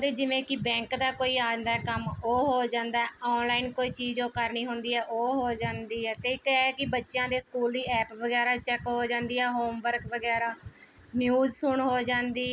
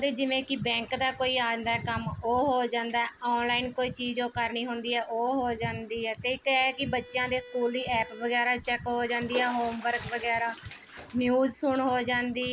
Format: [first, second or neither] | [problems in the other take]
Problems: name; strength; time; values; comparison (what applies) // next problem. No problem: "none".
first | background sound (Bowed string instrument + Bathtub (filling or washing)); 20 dB below the speech